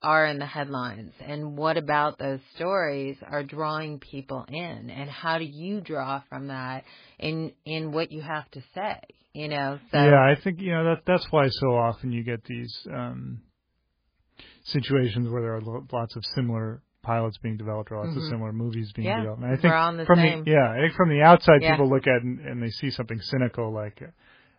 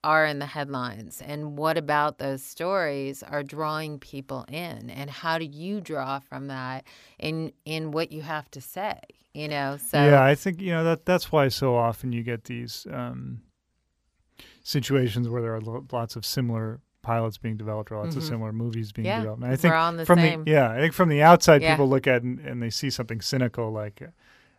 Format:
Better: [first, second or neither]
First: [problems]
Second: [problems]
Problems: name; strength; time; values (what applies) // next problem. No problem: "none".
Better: second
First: garbled, watery; badly; nothing above 5 kHz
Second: none